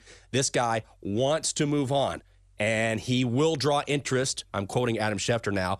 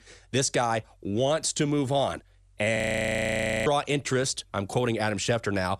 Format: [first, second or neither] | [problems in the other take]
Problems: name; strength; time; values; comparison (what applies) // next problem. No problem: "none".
first | audio freezing; at 3 s for 1 s